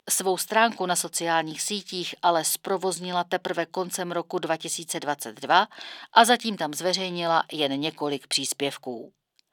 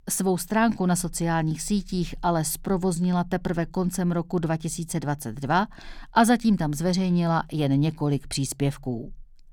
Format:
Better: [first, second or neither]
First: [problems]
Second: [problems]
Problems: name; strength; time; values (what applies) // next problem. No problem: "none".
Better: second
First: thin; somewhat; fading below 500 Hz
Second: none